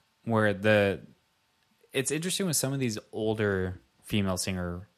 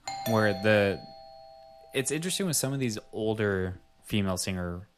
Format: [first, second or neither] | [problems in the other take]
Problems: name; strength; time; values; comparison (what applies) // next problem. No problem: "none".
first | doorbell; noticeable; until 1.5 s; peak 6 dB below the speech